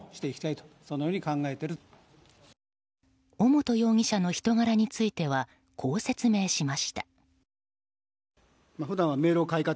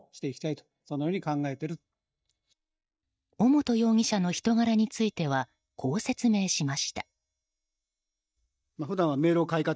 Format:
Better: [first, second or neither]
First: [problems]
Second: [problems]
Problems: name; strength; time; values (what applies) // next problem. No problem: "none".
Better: first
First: none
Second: noise reduction (neural mask model DeepFilterNet 3)